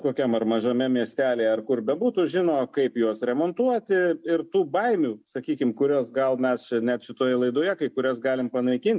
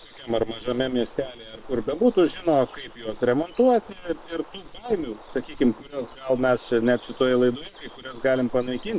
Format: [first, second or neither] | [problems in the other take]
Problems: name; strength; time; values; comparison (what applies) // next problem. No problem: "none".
first | noise reduction (neural separator model SepFormer WHAM!)